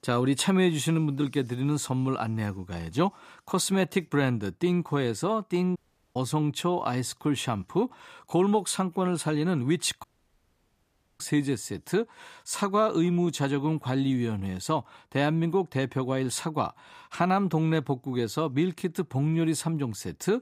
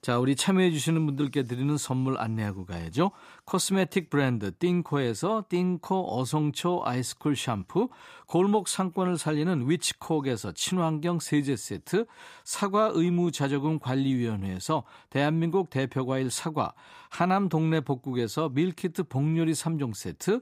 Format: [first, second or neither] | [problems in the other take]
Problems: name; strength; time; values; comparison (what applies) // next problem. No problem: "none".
second | audio cutting out; at 6 s and at 10 s for 1 s